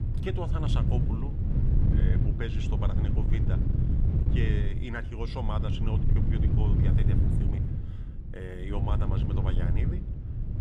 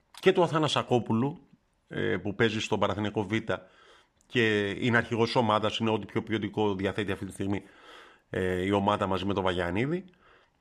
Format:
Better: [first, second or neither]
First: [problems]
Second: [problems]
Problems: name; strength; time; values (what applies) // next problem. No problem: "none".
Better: second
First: wind noise on the microphone; heavy; as loud as the speech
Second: none